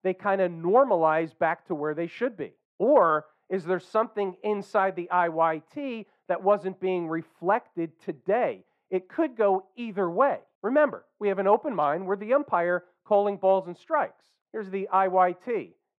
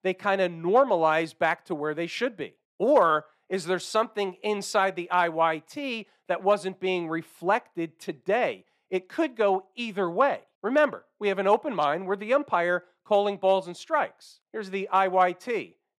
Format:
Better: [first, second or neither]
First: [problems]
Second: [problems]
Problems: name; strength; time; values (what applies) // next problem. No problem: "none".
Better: second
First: muffled; very; fading above 2.5 kHz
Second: none